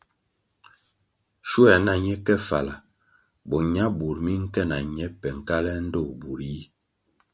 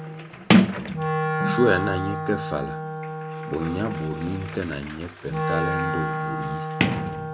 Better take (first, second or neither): first